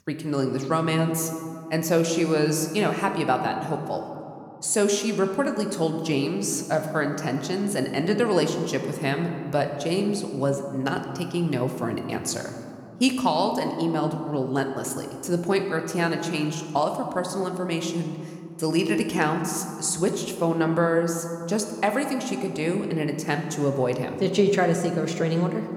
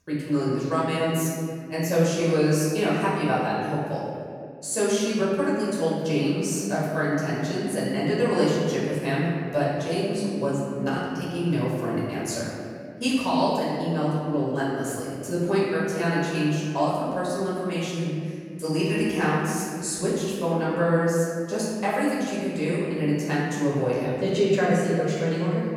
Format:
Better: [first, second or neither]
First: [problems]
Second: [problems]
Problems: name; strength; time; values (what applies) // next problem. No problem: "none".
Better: first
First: room echo; slight; dies away in 2 s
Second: room echo; strong; dies away in 2.2 s // off-mic speech; far